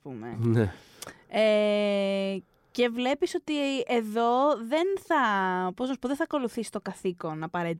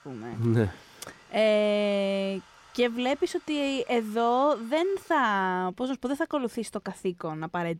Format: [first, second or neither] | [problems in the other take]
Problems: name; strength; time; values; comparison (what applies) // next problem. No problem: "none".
first | household noises; faint; throughout; 25 dB below the speech